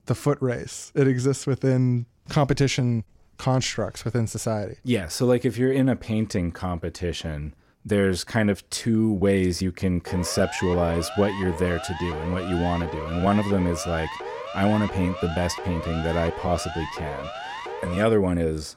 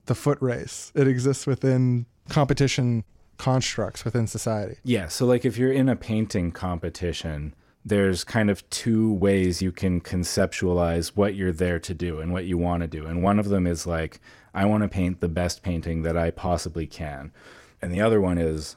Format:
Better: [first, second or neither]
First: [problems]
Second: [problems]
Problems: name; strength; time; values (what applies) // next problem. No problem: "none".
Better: second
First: siren; noticeable; from 10 to 18 s; peak 9 dB below the speech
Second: none